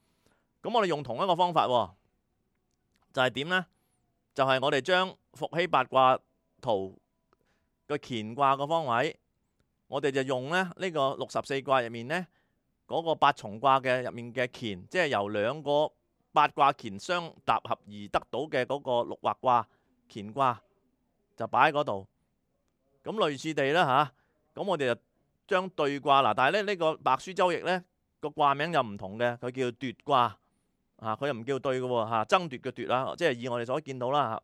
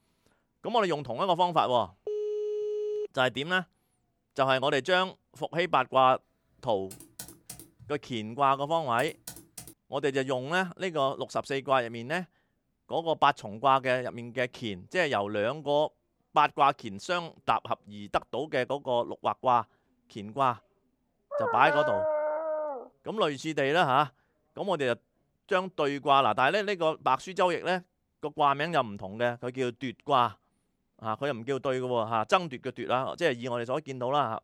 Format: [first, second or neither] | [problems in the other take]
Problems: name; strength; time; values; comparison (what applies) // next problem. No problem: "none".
first | phone ringing; noticeable; from 2 to 3 s; peak 4 dB below the speech // keyboard typing; faint; from 7 to 9.5 s; peak 15 dB below the speech // dog barking; loud; from 21 to 23 s; peak level with the speech